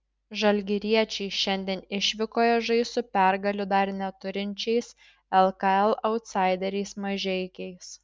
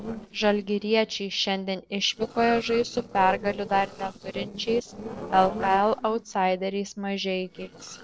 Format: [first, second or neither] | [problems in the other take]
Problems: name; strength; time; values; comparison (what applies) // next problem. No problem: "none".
first | noise reduction (neural separator model SepFormer DNS4)